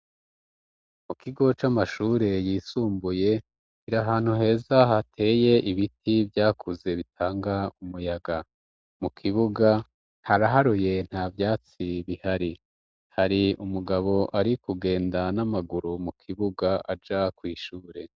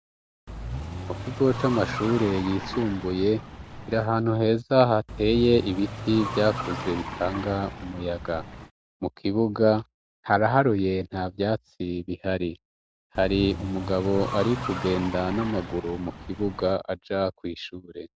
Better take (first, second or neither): first